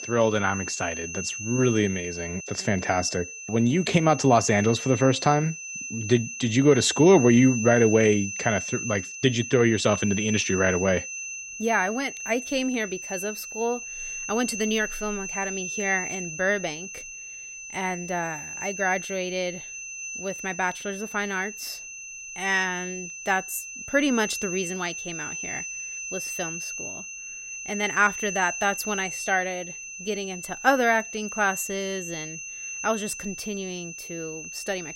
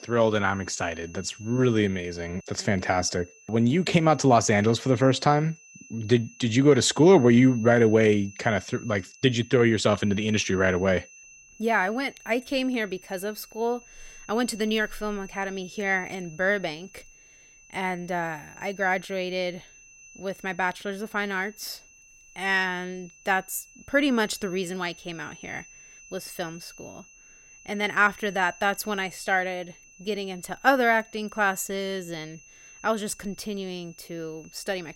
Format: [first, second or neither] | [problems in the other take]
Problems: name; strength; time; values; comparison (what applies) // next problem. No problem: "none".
second | high-pitched whine; loud; throughout; 6 kHz, 8 dB below the speech; faint in the second